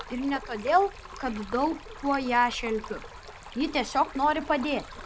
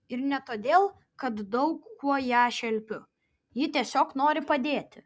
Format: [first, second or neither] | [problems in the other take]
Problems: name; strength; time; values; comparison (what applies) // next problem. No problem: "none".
second | background sound (Stream); 14 dB below the speech